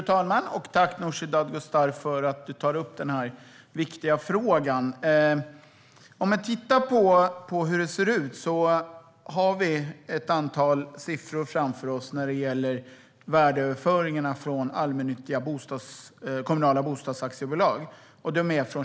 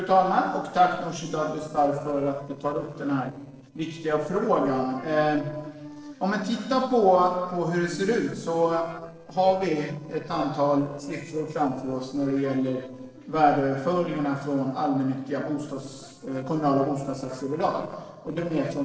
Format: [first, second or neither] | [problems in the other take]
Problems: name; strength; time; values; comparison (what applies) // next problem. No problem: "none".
first | noise reduction (neural separator model SepFormer DNS4)